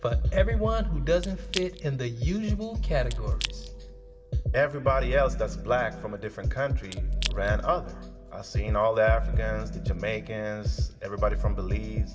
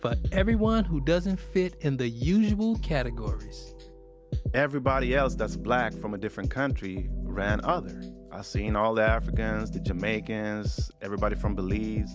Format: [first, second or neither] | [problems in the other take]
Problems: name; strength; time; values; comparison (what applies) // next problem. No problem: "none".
second | background sound (Crack / Crushing); 14 dB below the speech // room echo; dies away in 1.8 s